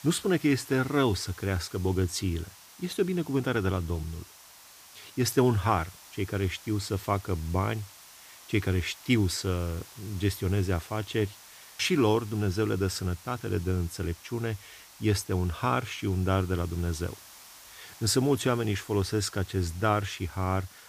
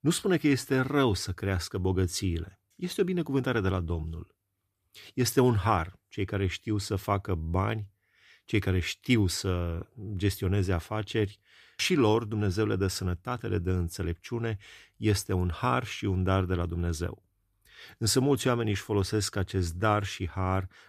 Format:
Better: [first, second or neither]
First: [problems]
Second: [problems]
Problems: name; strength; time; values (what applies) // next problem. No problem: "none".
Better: second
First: hiss; noticeable; throughout; 20 dB below the speech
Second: none